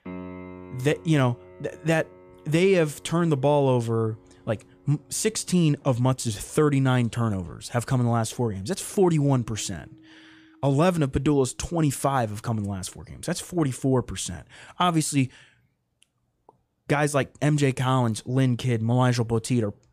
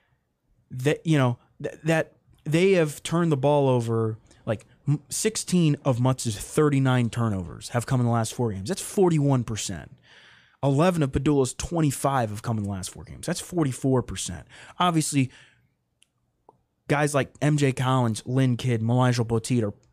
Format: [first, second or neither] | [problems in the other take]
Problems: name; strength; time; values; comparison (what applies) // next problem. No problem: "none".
second | background music; faint; until 13 s; 25 dB below the speech